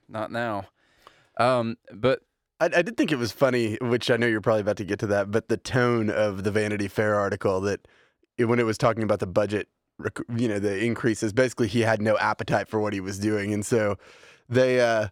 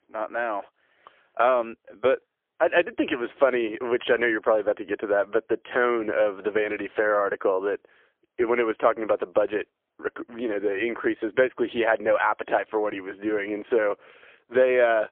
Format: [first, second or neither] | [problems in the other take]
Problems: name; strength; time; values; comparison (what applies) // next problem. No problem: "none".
first | phone-call audio; poor line; nothing above 3.5 kHz